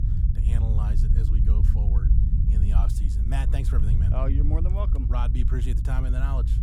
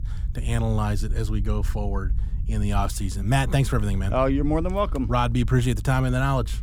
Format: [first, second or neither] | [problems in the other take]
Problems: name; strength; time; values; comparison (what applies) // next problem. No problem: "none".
second | low rumble; loud; throughout; 3 dB below the speech; faint in the second